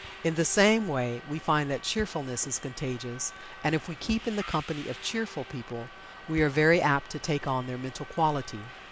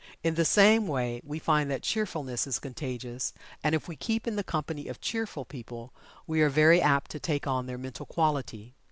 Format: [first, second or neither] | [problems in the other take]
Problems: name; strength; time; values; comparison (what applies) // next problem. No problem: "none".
second | background sound (Subway, metro, underground + Thump, thud); 15 dB below the speech